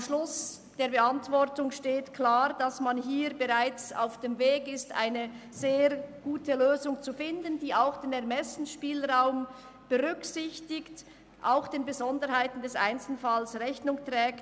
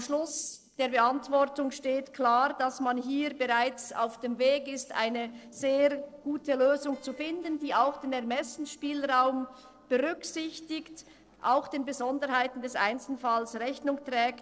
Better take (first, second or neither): first